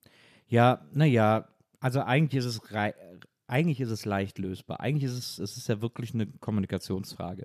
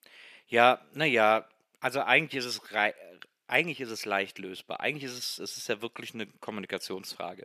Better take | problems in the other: first | thin; somewhat; fading below 400 Hz

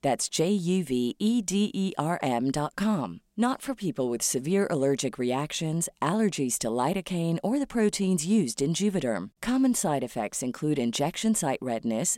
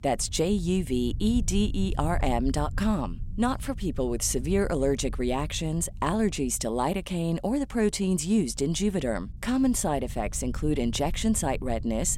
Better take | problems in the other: first | low rumble; faint; throughout; 25 dB below the speech

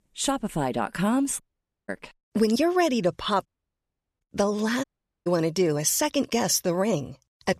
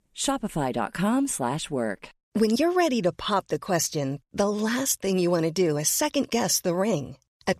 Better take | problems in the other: second | audio cutting out; at 1.5 s, at 3.5 s for 1 s and at 5 s

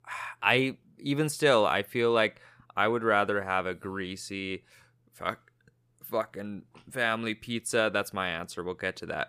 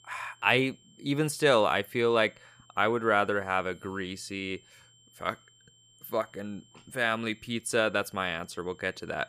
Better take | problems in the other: first | high-pitched whine; faint; throughout; 3 kHz, 30 dB below the speech

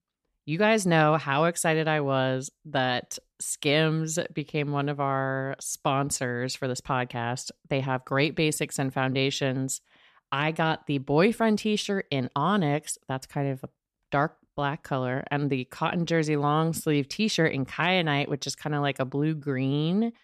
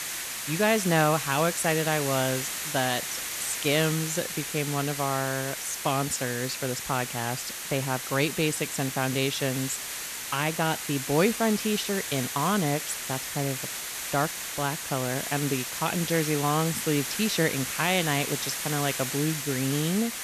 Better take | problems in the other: first | hiss; loud; throughout; 4 dB below the speech

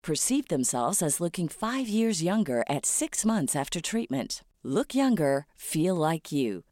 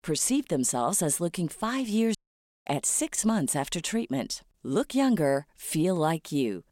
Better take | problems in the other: first | audio cutting out; at 2 s for 0.5 s

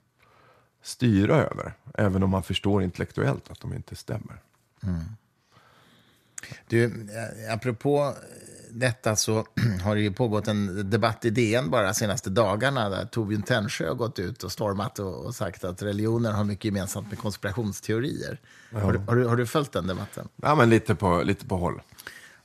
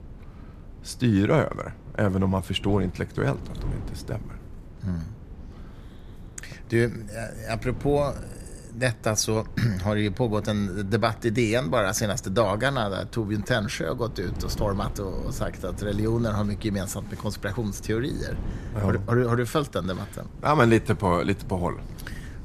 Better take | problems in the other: first | wind noise on the microphone; occasional gusts; 20 dB below the speech

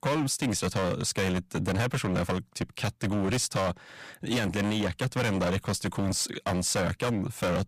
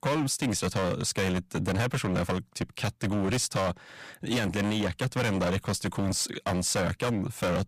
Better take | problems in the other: neither | distortion; heavy; 19% of the sound clipped; the same in both

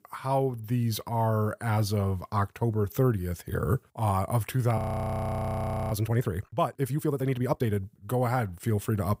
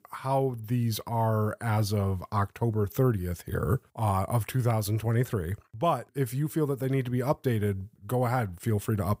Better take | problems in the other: second | audio freezing; at 5 s for 1 s

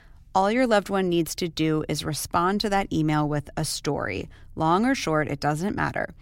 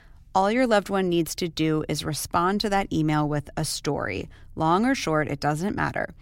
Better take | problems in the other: neither | none

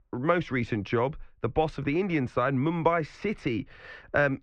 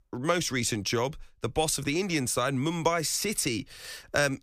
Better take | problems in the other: second | muffled; very; fading above 2 kHz

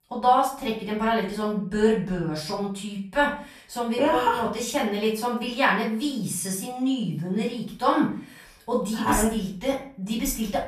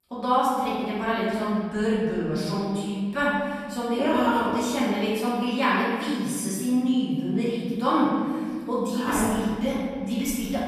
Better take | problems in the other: first | room echo; strong; dies away in 1.9 s; slight in the first // off-mic speech; far; far in the first

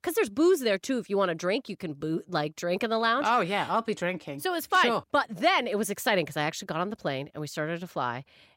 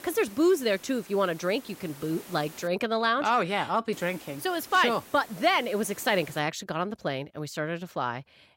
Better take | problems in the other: first | hiss; noticeable; until 2.5 s and from 4 to 6.5 s; 20 dB below the speech

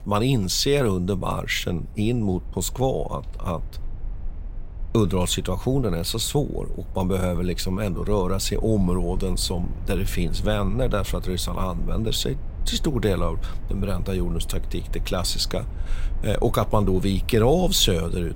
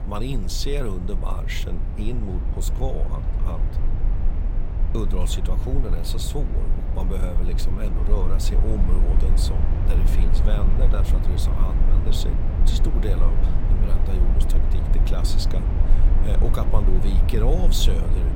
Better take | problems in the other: first | low rumble; loud; throughout; 4 dB below the speech; faint in the first

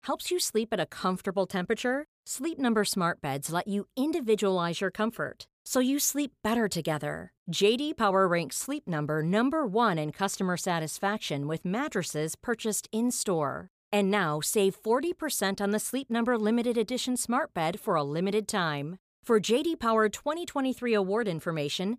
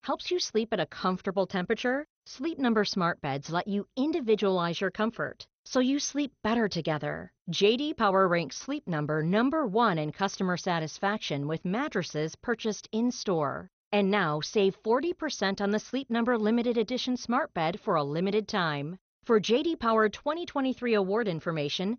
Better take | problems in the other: first | garbled, watery; slightly; nothing above 6.5 kHz

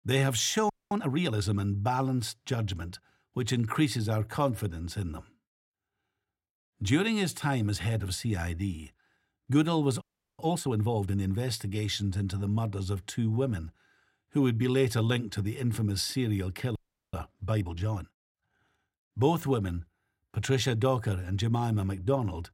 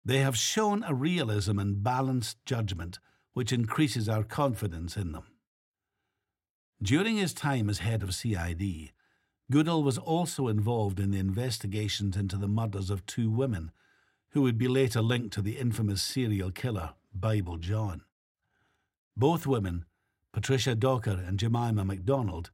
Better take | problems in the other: second | audio freezing; at 0.5 s, at 10 s and at 17 s

